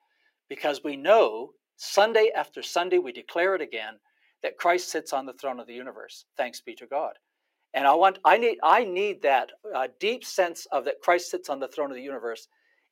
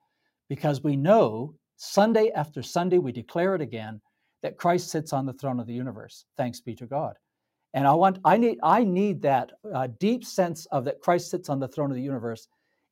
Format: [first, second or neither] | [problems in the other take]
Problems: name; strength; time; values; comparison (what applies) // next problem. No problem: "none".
second | thin; very; fading below 400 Hz